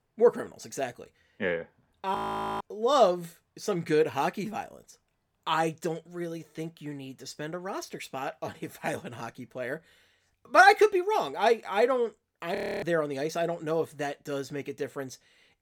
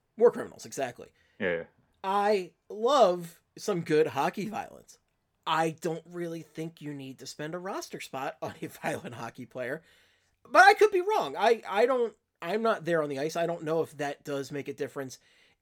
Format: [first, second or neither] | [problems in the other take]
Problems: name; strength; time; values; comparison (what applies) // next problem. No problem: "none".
second | audio freezing; at 2 s and at 13 s